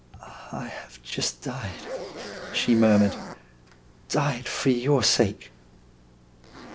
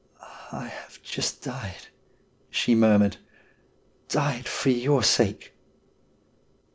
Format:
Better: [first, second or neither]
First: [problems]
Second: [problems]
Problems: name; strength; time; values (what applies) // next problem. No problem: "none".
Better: second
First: background sound (Zipper (clothing)); 14 dB below the speech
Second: none